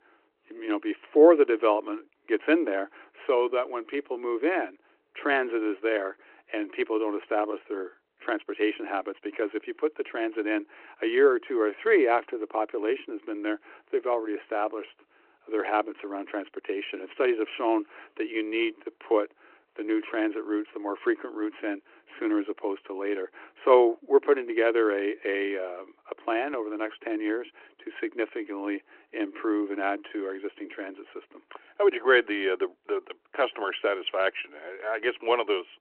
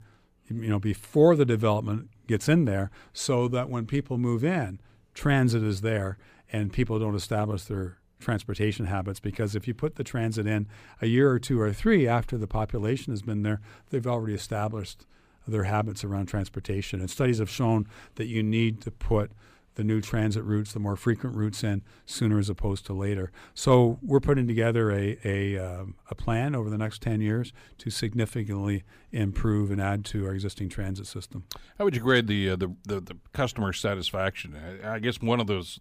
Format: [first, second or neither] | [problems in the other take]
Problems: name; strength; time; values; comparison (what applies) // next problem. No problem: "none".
second | phone-call audio